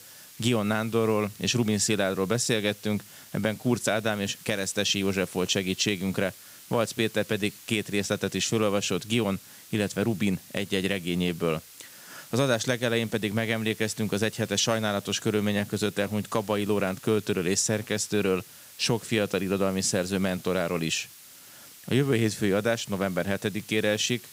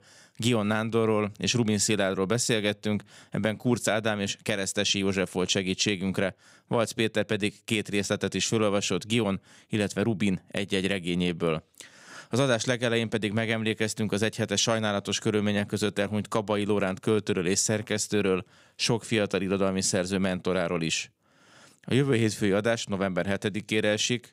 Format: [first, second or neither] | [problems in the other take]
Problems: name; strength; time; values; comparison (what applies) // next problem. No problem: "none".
second | hiss; noticeable; throughout; 20 dB below the speech